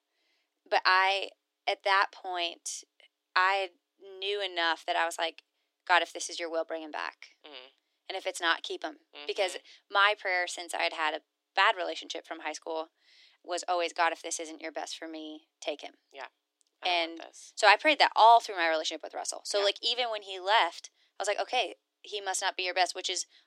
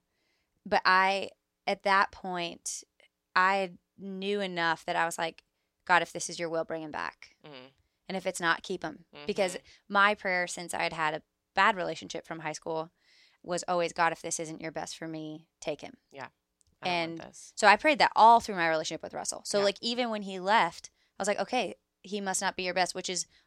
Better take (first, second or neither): second